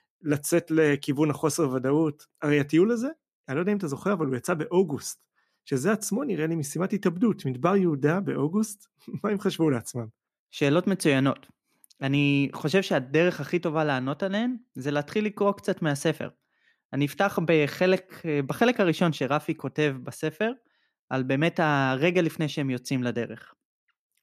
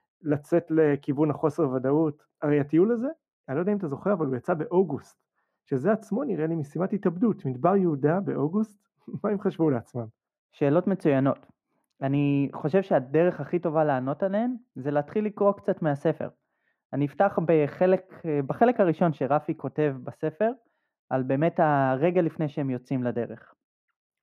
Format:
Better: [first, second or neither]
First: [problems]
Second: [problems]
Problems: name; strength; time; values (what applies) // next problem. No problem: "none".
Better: first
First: none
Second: muffled; very; fading above 2.5 kHz